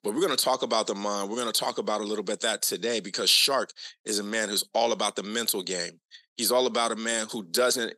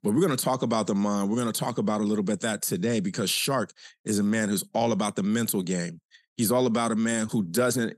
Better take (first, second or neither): second